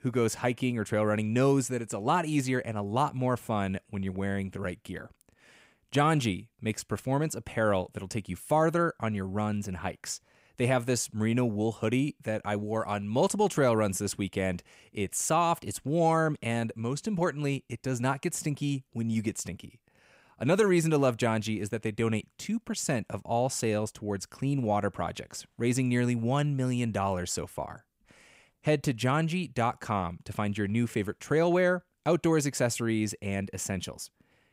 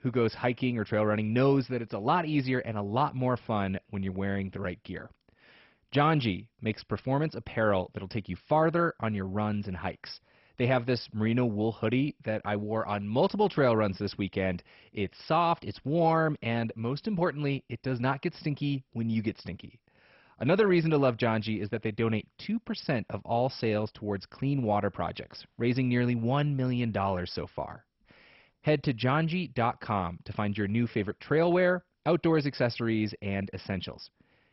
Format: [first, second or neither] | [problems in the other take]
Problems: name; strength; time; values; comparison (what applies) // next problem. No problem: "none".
first | garbled, watery; badly; nothing above 5.5 kHz